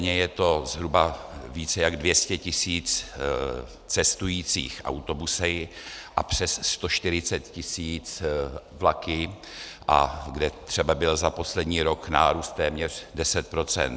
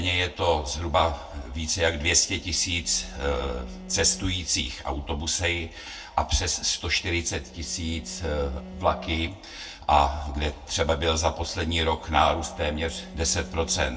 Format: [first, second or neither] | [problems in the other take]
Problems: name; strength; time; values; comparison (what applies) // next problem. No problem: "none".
first | background sound (Bowed string instrument); 20 dB below the speech // room echo; dies away in 0.2 s